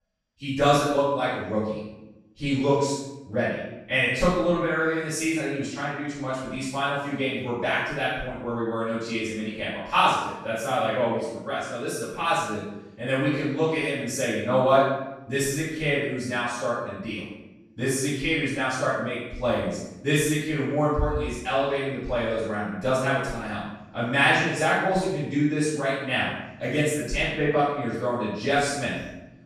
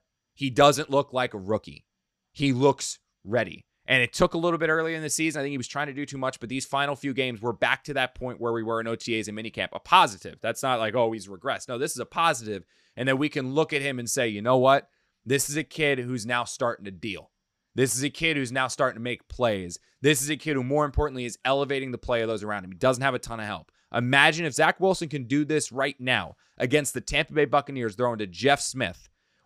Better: second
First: off-mic speech; far // room echo; strong; dies away in 0.8 s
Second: none

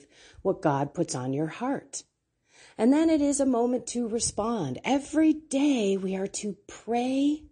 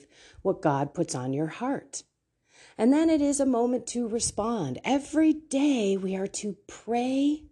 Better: second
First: garbled, watery; slightly; nothing above 9 kHz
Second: none

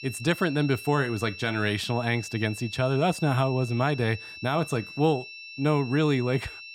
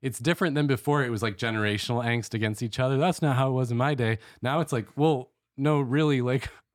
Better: second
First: high-pitched whine; noticeable; throughout; 2.5 kHz, 15 dB below the speech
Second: none

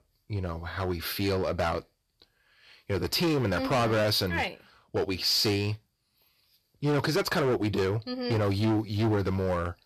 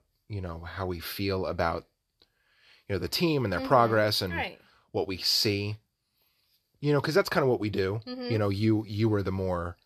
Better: second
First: distortion; heavy; 12% of the sound clipped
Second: none

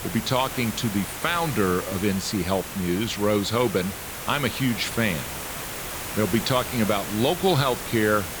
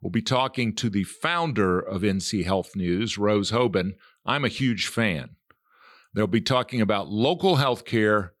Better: second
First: hiss; loud; throughout; 7 dB below the speech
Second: none

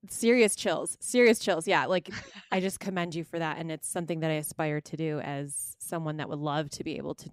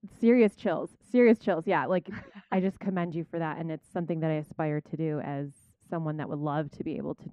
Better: first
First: none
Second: muffled; very; fading above 3.5 kHz

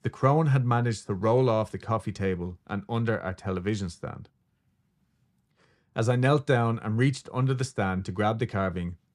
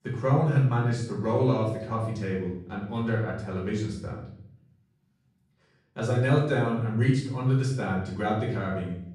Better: first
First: none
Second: off-mic speech; far // room echo; noticeable; dies away in 0.6 s

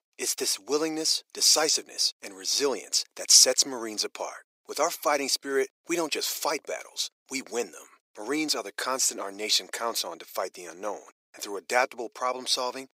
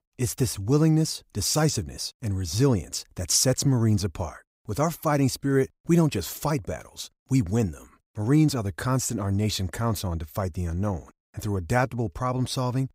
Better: second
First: thin; very; fading below 400 Hz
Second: none

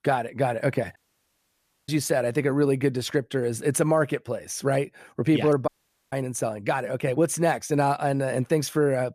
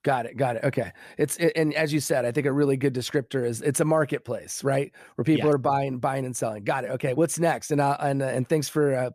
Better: second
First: audio cutting out; at 1 s for 1 s and at 5.5 s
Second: none

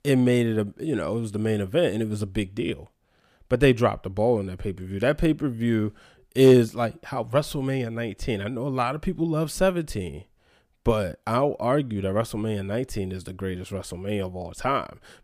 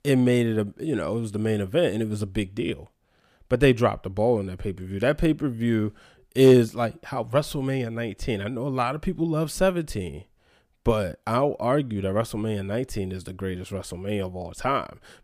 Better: neither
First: none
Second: none

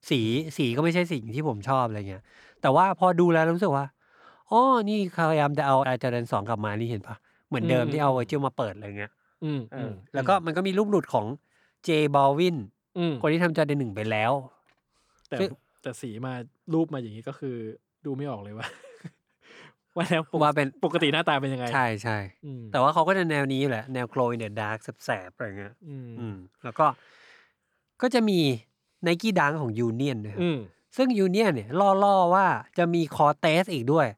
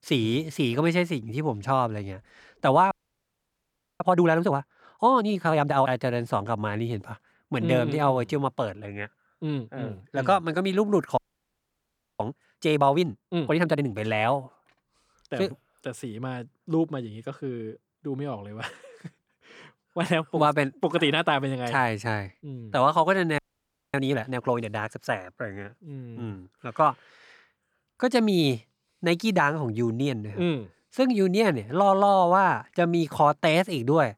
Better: first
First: none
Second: audio freezing; at 3 s for 1 s, at 11 s for 1 s and at 23 s for 0.5 s

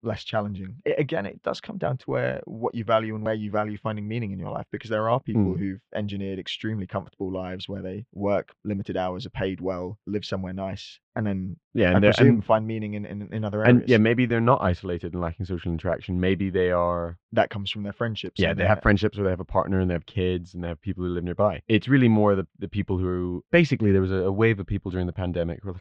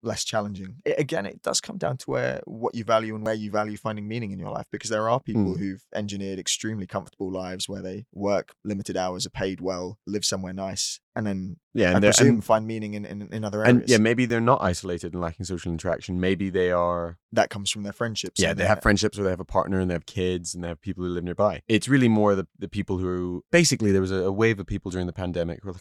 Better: second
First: muffled; very; fading above 3 kHz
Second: none

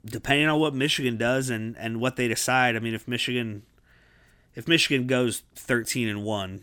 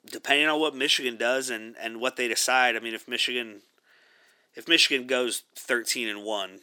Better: first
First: none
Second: thin; somewhat; fading below 350 Hz

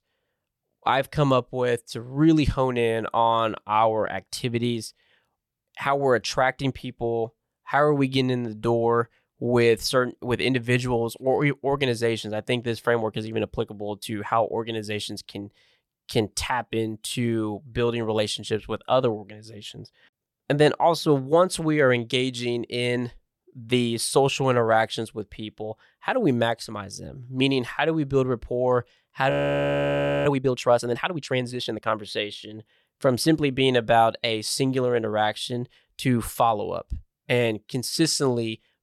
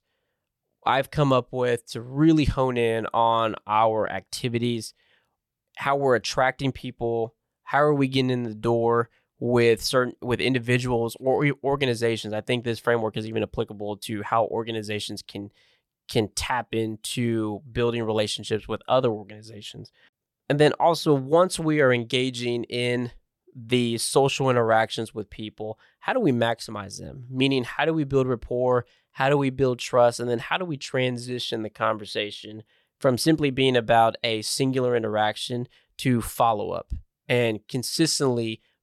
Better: second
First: audio freezing; at 29 s for 1 s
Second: none

